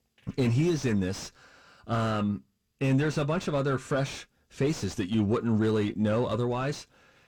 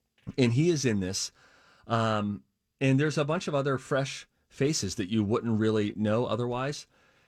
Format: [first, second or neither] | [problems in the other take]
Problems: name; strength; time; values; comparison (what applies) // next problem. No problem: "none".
second | distortion; slight; 10 dB below the speech